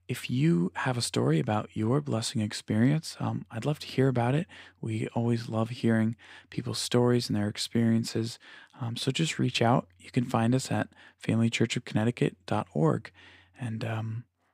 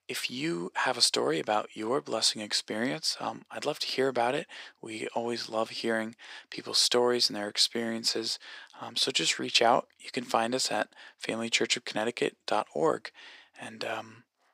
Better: first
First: none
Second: thin; very; fading below 500 Hz

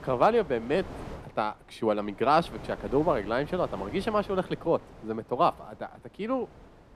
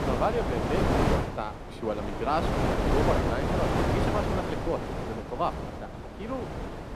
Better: first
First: wind noise on the microphone; occasional gusts; 20 dB below the speech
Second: wind noise on the microphone; heavy; 1 dB above the speech

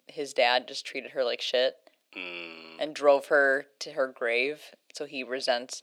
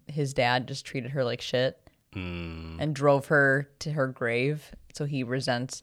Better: second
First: thin; somewhat; fading below 300 Hz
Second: none

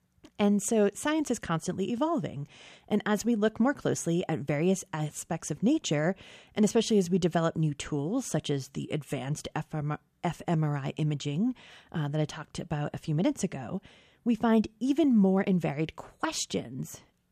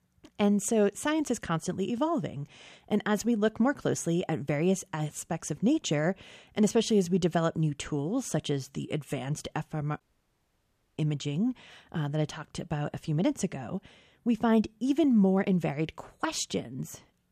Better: first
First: none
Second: audio cutting out; at 10 s for 1 s

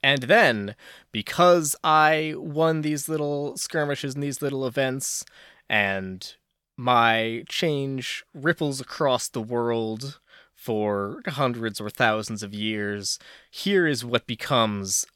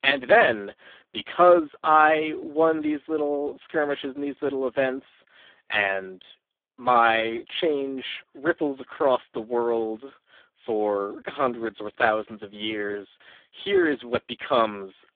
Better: first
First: none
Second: phone-call audio; poor line; nothing above 3.5 kHz

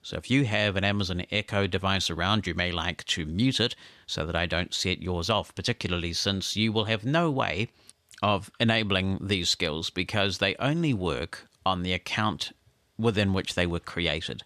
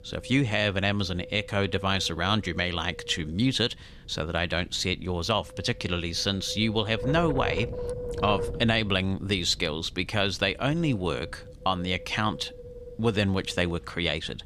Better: first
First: none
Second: wind noise on the microphone; occasional gusts; 10 dB below the speech

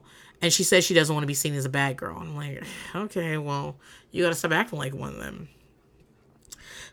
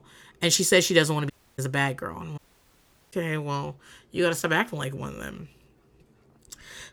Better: first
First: none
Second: audio cutting out; at 1.5 s and at 2.5 s for 0.5 s

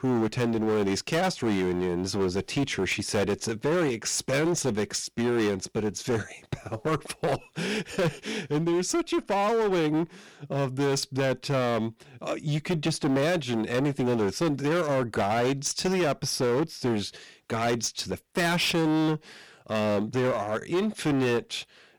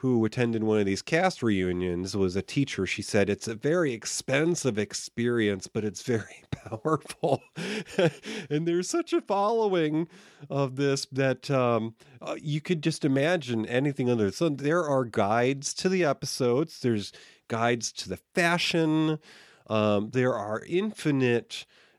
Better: second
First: distortion; heavy; 17% of the sound clipped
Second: none

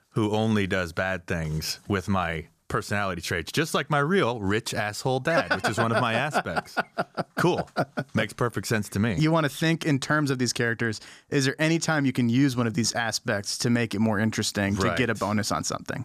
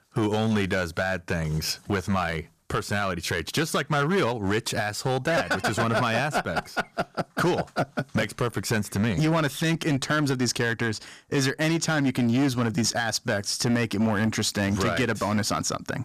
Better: first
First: none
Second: distortion; slight; 10% of the sound clipped

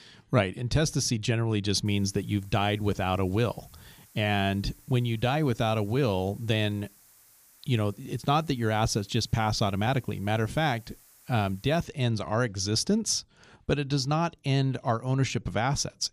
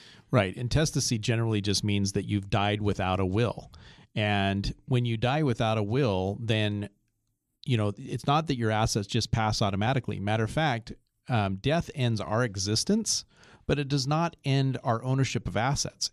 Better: second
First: hiss; faint; from 2 to 12 s; 25 dB below the speech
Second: none

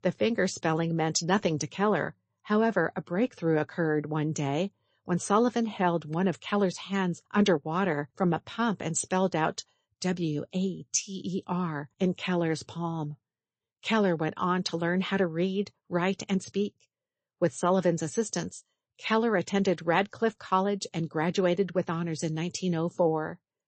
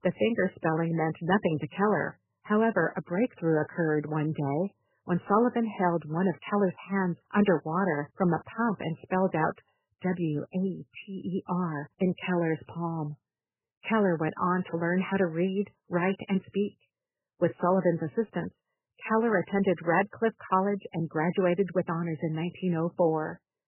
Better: first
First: garbled, watery; slightly; nothing above 8 kHz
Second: garbled, watery; badly; nothing above 3 kHz

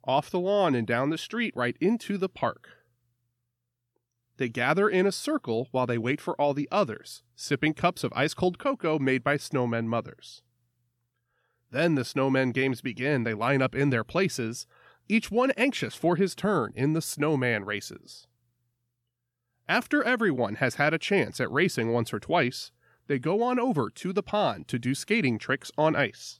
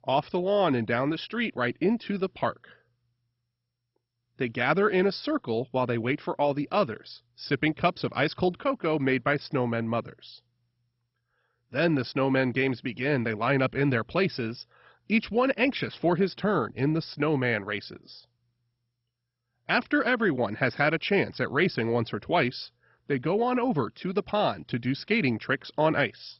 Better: first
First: none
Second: garbled, watery; badly; nothing above 5.5 kHz

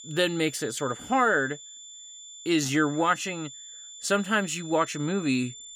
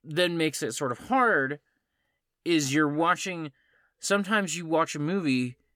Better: second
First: high-pitched whine; noticeable; throughout; 7 kHz, 15 dB below the speech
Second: none

